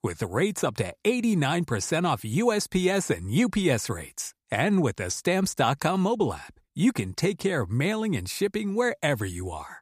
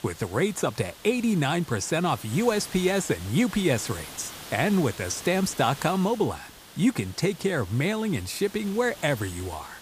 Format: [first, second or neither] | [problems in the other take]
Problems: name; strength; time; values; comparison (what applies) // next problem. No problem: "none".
first | hiss; noticeable; throughout; 15 dB below the speech